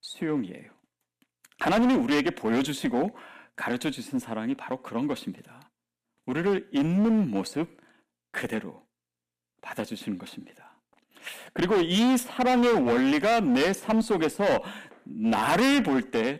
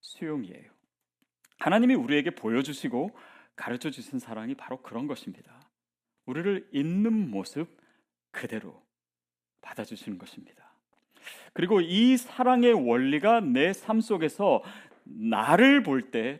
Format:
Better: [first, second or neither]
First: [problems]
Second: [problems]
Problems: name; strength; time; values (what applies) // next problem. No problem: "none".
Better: second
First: distortion; heavy; 12% of the sound clipped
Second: none